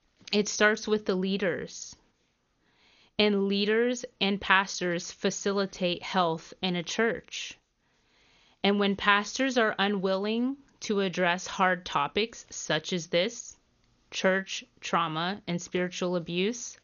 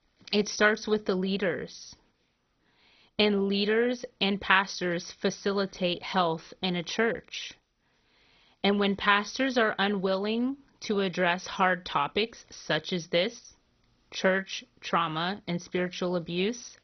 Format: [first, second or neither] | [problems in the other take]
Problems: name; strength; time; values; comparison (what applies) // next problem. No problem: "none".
first | garbled, watery; badly; nothing above 6 kHz; slightly in the first